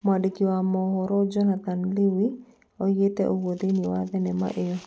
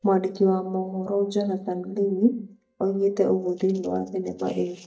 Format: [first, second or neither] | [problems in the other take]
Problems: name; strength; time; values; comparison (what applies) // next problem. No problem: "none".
first | noise reduction (neural mask model DeepFilterNet 3)